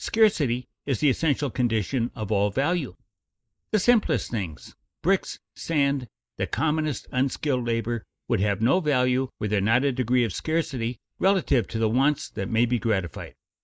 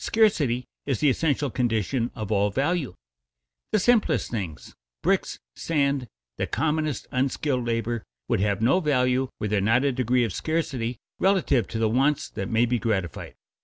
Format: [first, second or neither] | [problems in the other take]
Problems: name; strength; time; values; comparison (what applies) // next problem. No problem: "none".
second | noise reduction (neural mask model Resemble Enhance denoiser)